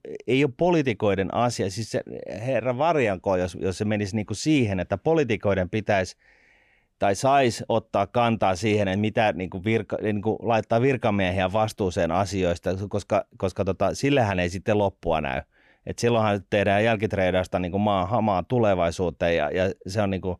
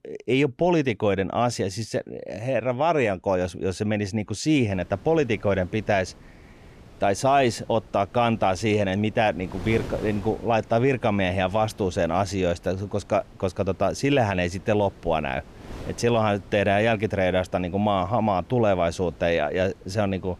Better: first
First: none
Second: wind noise on the microphone; occasional gusts; from 4.5 s on; 25 dB below the speech

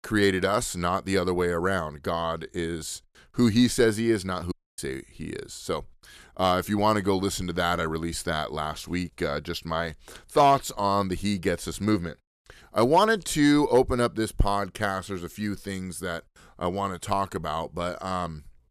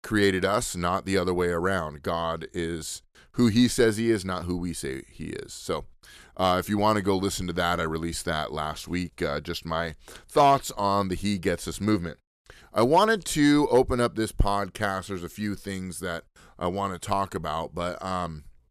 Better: second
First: audio cutting out; at 4.5 s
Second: none

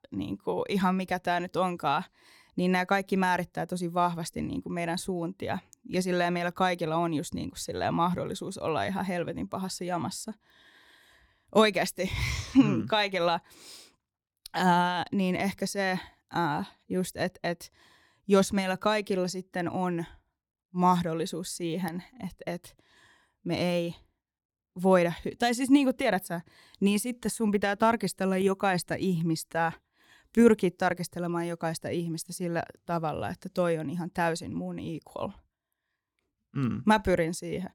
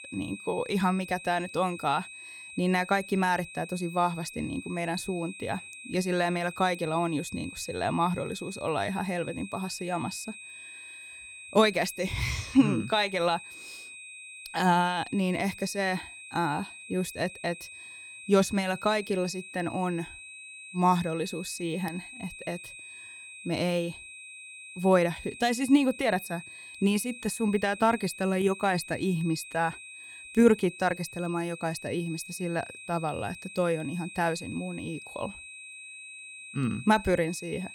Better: first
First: none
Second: high-pitched whine; noticeable; throughout; 2.5 kHz, 15 dB below the speech

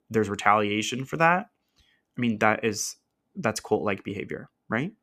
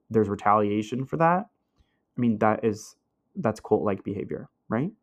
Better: first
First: none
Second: muffled; slightly; fading above 1 kHz

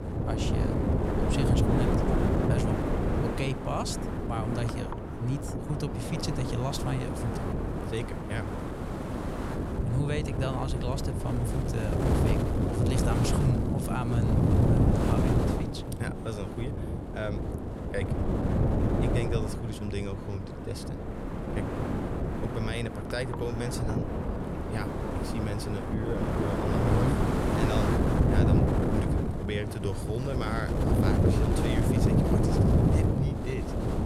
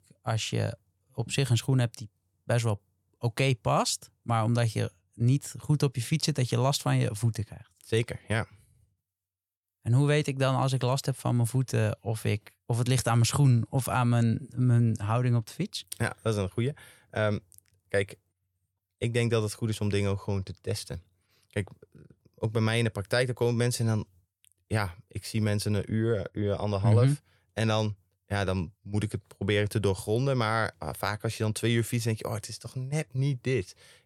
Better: second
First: wind noise on the microphone; heavy; 4 dB above the speech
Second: none

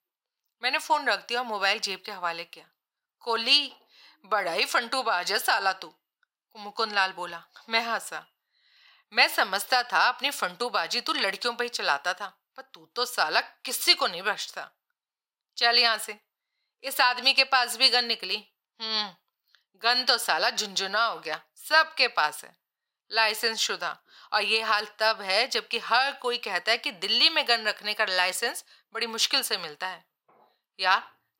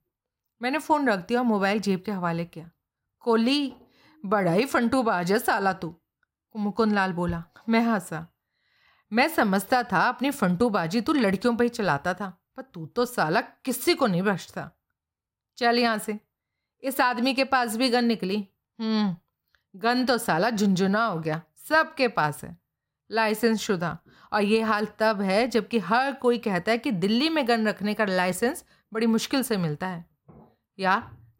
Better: second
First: thin; very; fading below 750 Hz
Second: none

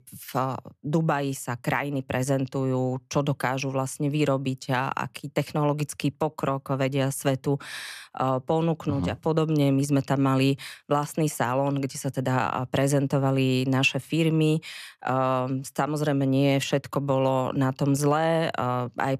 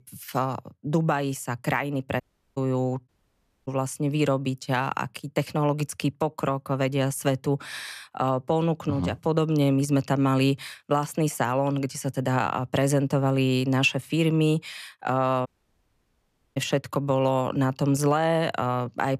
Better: first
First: none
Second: audio cutting out; at 2 s, at 3 s for 0.5 s and at 15 s for 1 s

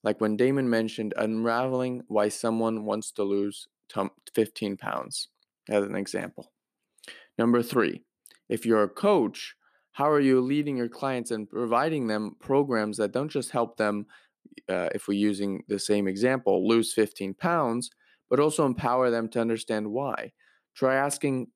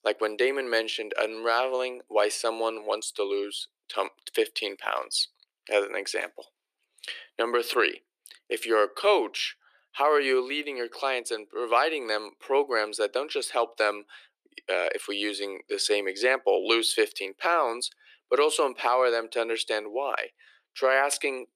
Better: first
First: none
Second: thin; very; fading below 350 Hz

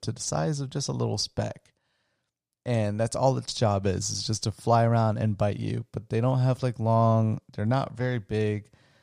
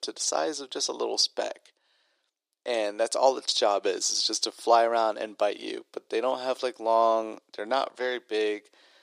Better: first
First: none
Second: thin; very; fading below 350 Hz

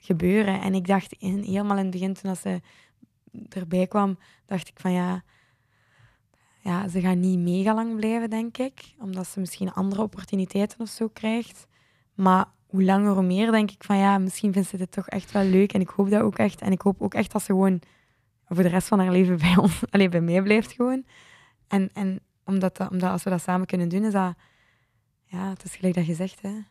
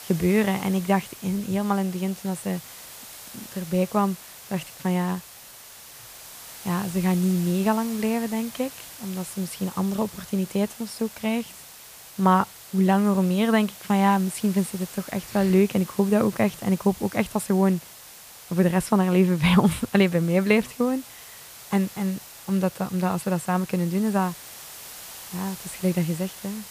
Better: first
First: none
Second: hiss; noticeable; throughout; 15 dB below the speech

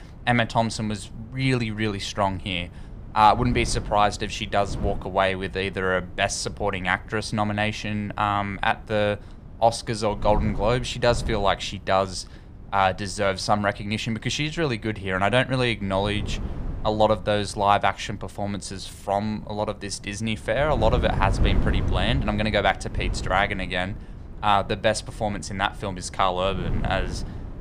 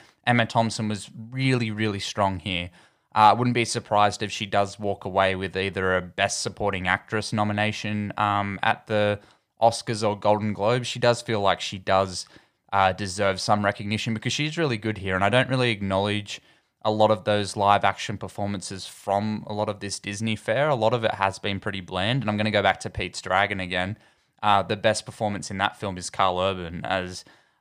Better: second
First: wind noise on the microphone; occasional gusts; 20 dB below the speech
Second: none

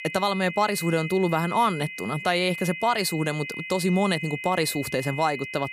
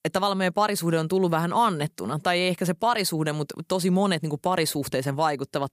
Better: second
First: high-pitched whine; loud; throughout; 2 kHz, 9 dB below the speech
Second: none

